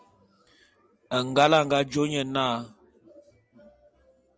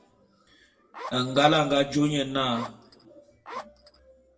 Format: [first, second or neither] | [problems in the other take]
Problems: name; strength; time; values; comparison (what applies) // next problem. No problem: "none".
first | background sound (Zipper (clothing)); 13 dB below the speech // room echo; dies away in 0.6 s